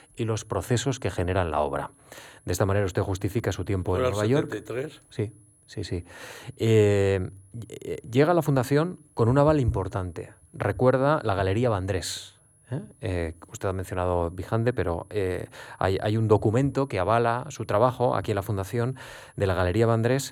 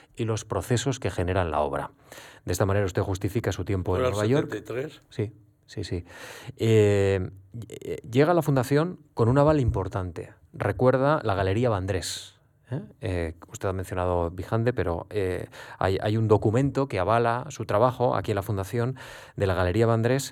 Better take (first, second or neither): second